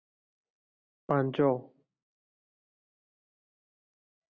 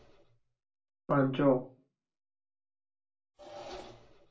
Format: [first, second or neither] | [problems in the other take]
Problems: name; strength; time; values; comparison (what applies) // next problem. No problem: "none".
first | background sound (Engine); 19 dB below the speech // room echo; dies away in 0.3 s